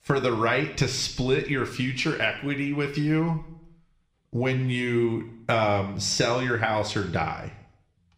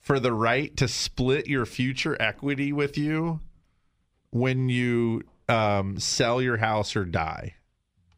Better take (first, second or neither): second